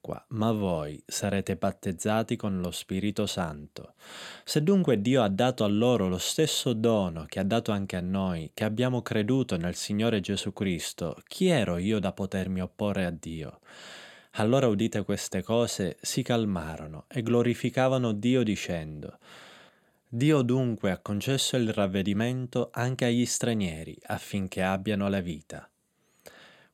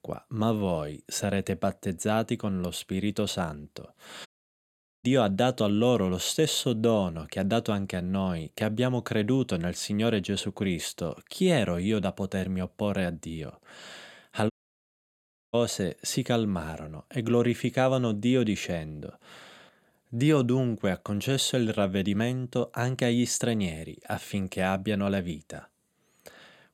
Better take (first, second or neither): first